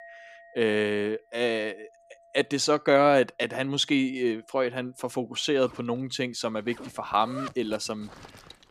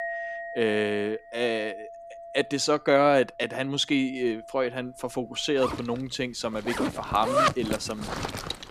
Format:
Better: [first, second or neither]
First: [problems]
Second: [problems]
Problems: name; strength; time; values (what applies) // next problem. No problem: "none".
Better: first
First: household noises; faint; throughout; 20 dB below the speech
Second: household noises; loud; throughout; 5 dB below the speech